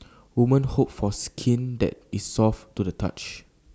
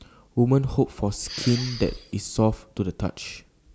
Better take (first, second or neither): first